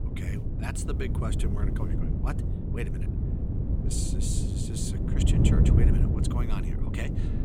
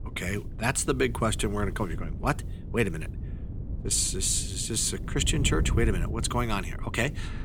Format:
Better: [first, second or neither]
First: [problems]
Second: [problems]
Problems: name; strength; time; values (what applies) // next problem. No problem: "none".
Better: second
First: wind noise on the microphone; heavy; 1 dB above the speech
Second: wind noise on the microphone; occasional gusts; 15 dB below the speech